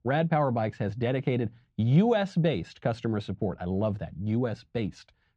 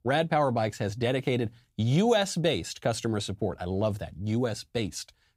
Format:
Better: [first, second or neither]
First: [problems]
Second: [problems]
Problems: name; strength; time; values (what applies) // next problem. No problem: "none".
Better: second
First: muffled; slightly; fading above 2.5 kHz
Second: none